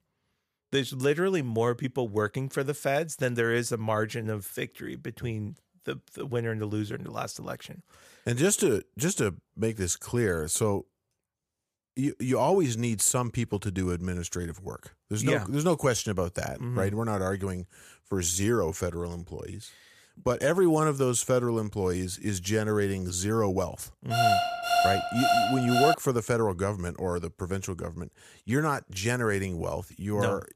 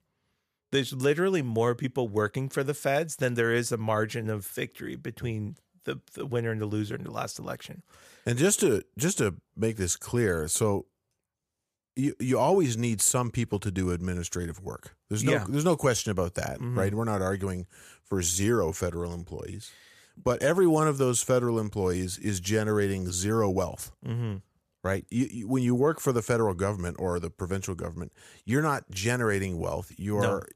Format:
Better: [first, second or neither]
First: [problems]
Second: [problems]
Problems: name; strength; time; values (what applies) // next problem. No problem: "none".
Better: second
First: alarm; loud; from 24 to 26 s; peak 5 dB above the speech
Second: none